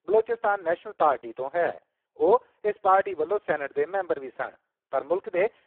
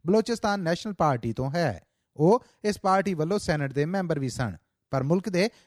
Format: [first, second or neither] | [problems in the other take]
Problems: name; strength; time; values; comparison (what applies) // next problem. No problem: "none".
second | phone-call audio; poor line; nothing above 3.5 kHz